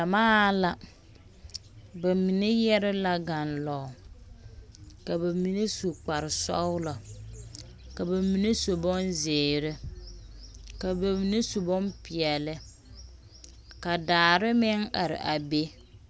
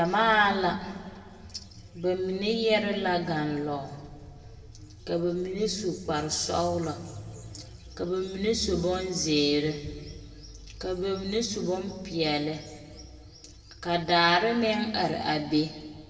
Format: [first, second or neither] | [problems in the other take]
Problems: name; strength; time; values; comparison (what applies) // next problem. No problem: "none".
first | room echo; dies away in 1.6 s